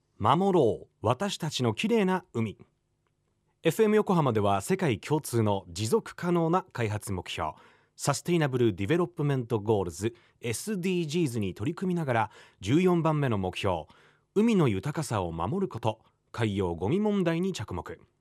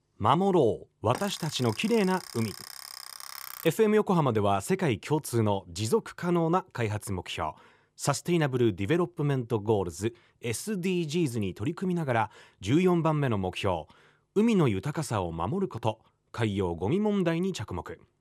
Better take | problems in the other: first | alarm; faint; from 1 to 3.5 s; peak 10 dB below the speech

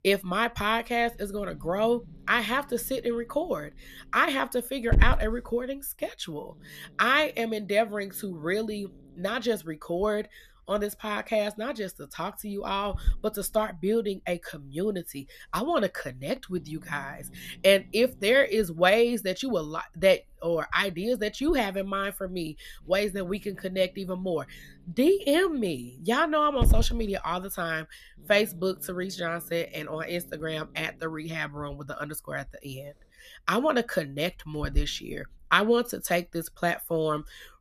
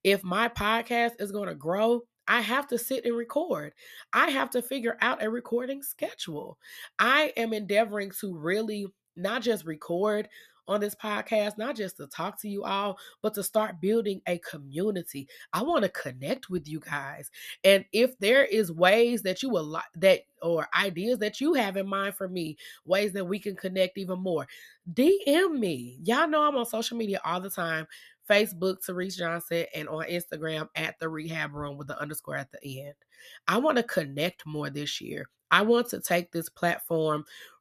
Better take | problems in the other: second | hiss; loud; throughout; 6 dB below the speech

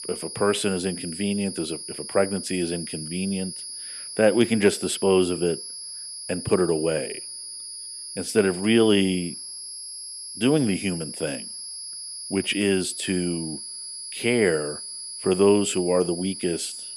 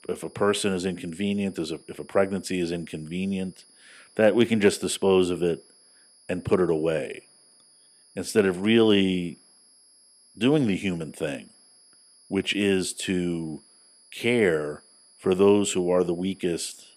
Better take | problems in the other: second | high-pitched whine; loud; throughout; 10.5 kHz, 9 dB below the speech; faint in the second

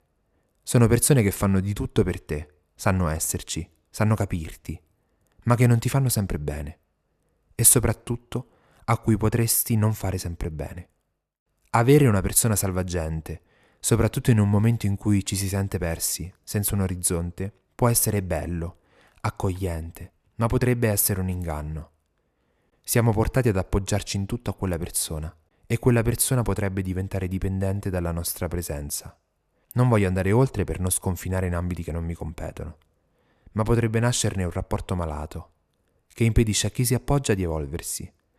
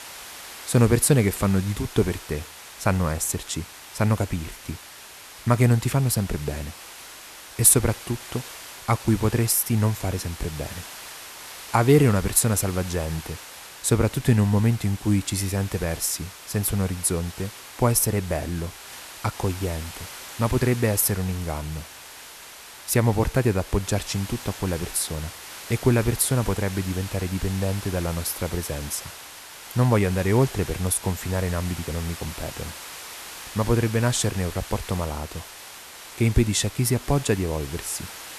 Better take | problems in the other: first | hiss; noticeable; throughout; 15 dB below the speech

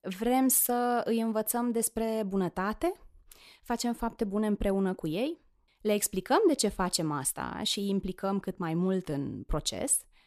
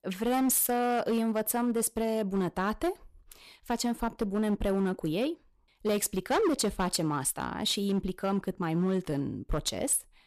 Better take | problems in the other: first | distortion; slight; 9% of the sound clipped

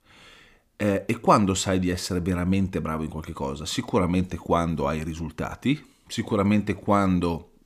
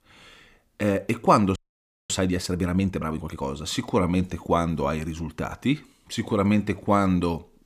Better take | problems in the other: first | audio freezing; at 1.5 s for 0.5 s

